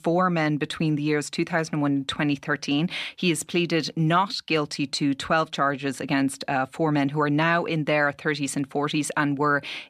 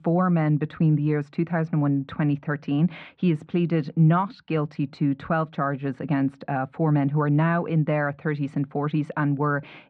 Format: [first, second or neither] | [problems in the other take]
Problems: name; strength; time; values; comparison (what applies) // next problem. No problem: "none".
first | muffled; very; fading above 1.5 kHz